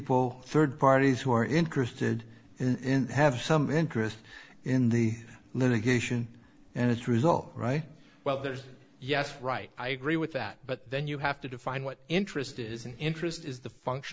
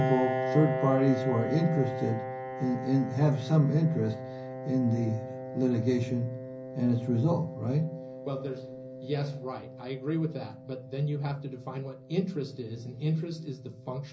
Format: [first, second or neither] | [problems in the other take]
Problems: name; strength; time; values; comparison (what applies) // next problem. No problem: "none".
first | background sound (Piano); 8 dB below the speech // room echo; dies away in 0.5 s